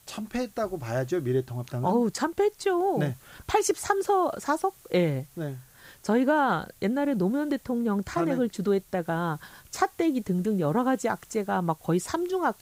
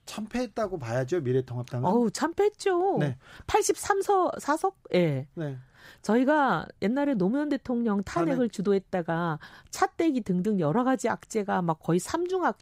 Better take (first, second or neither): second